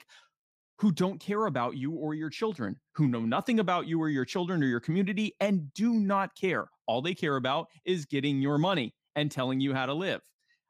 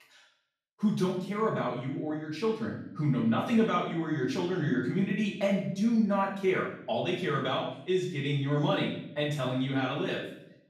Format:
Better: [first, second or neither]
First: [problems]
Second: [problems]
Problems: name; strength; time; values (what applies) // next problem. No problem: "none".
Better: first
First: none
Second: room echo; noticeable; dies away in 0.6 s // off-mic speech; far